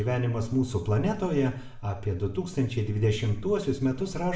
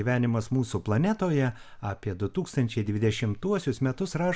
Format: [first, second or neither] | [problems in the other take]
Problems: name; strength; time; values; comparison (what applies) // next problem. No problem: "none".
second | room echo; dies away in 0.6 s